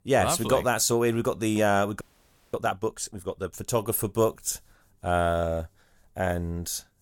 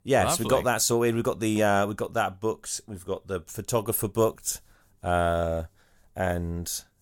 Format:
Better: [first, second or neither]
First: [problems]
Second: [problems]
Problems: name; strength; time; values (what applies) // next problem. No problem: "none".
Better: second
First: audio freezing; at 2 s for 0.5 s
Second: none